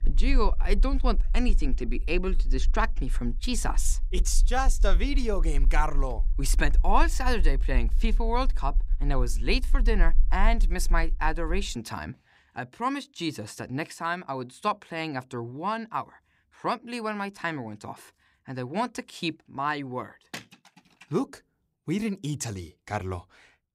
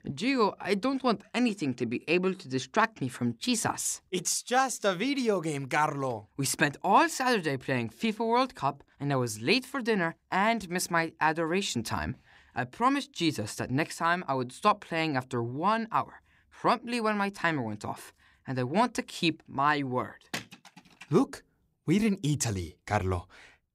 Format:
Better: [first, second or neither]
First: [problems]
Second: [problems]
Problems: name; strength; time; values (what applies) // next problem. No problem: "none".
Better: second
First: low rumble; faint; until 12 s; 25 dB below the speech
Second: none